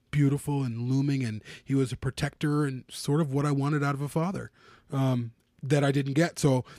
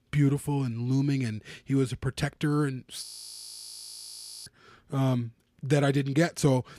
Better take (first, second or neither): first